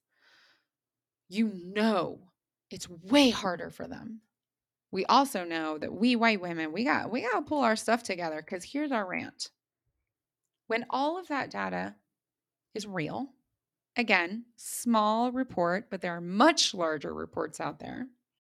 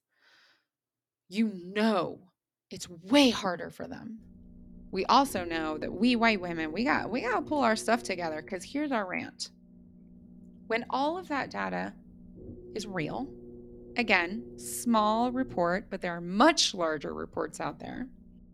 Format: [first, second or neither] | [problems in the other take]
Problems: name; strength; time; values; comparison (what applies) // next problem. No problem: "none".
first | low rumble; faint; from 4 s on; 25 dB below the speech